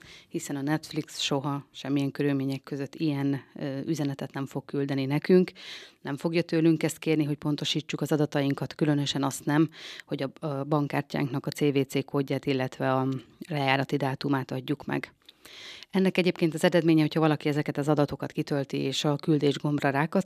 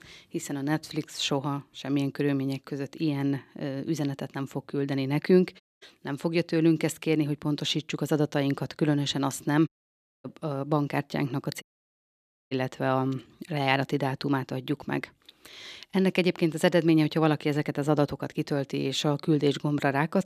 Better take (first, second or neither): first